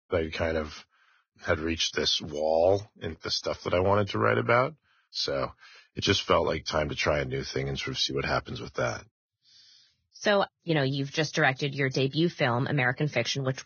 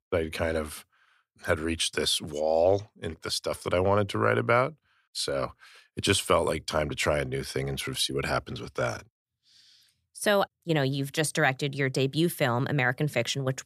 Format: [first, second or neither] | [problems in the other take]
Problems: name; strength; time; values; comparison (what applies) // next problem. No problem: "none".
second | garbled, watery; badly; nothing above 6.5 kHz